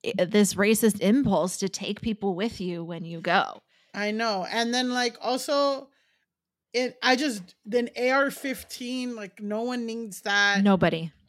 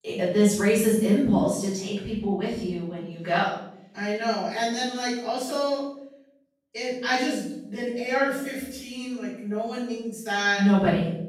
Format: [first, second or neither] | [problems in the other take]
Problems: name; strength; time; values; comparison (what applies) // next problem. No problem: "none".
first | off-mic speech; far // room echo; noticeable; dies away in 0.7 s